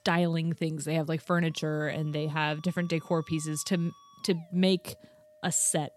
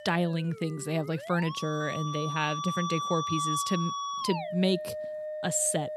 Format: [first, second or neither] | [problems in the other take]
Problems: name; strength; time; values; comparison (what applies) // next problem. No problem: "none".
first | background music; loud; throughout; 4 dB below the speech; faint in the first